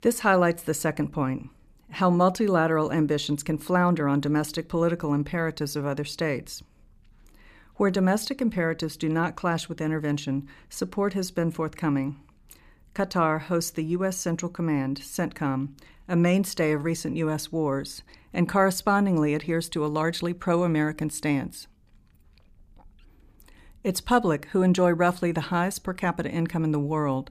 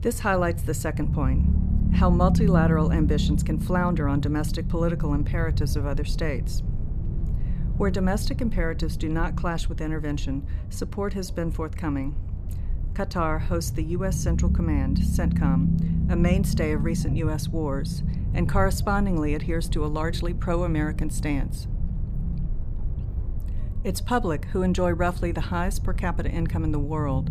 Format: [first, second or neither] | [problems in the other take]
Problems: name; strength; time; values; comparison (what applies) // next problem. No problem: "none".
first | low rumble; loud; throughout; 10 dB below the speech